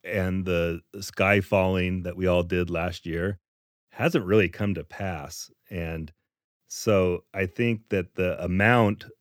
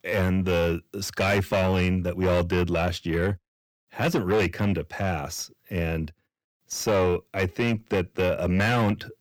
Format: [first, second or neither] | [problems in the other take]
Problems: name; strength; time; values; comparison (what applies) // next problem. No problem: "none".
first | distortion; heavy; 6 dB below the speech